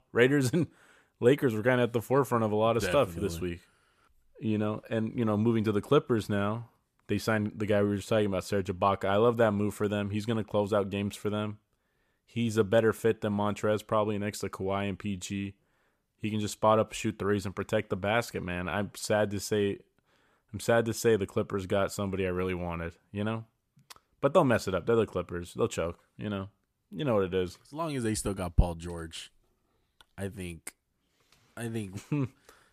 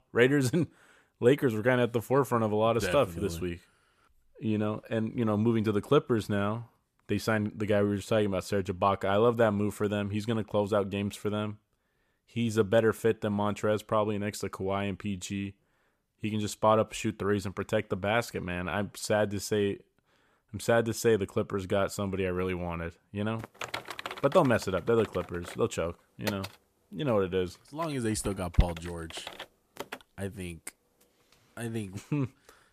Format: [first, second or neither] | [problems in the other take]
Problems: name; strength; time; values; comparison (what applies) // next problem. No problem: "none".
first | keyboard typing; noticeable; from 23 to 30 s; peak 7 dB below the speech